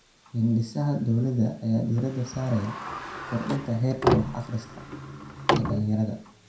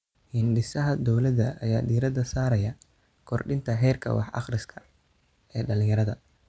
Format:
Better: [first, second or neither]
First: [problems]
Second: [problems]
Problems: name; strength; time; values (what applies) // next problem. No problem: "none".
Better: second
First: background sound (Sliding door); 5 dB below the speech // room echo; dies away in 0.5 s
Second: none